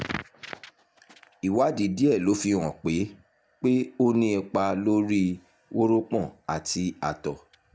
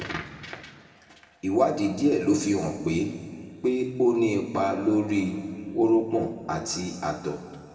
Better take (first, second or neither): first